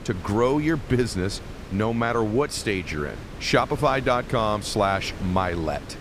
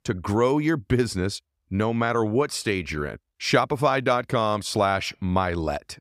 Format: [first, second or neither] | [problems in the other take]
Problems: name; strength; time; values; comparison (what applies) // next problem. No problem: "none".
second | wind noise on the microphone; occasional gusts; 15 dB below the speech